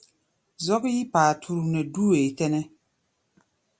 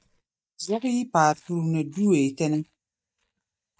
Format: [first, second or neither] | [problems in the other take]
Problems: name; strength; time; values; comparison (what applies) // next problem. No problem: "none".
first | noise reduction (neural mask model DeepFilterNet 3)